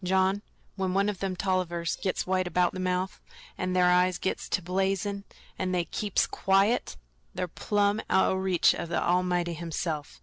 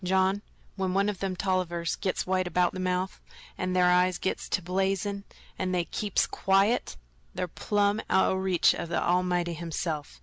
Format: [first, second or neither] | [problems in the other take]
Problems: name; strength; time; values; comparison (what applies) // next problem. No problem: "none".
second | noise reduction (neural separator model SepFormer DNS4)